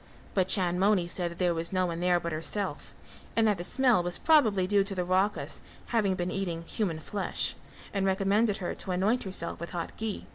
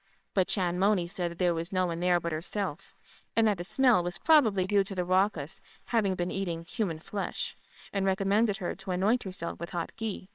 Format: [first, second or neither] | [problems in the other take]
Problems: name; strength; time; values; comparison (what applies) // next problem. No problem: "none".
first | noise reduction (neural separator model SepFormer WHAMR!)